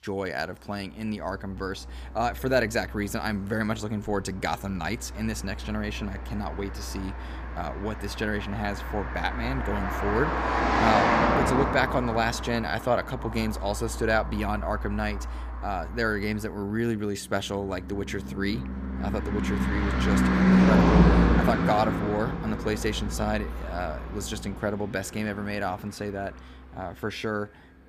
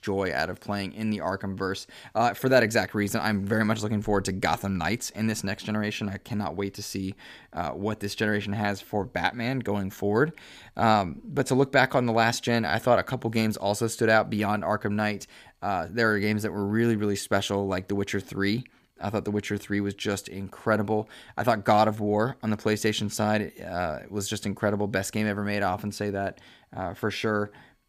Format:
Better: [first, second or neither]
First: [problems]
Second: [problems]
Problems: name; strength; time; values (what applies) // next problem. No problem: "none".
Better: second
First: traffic noise; very loud; throughout; 2 dB above the speech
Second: none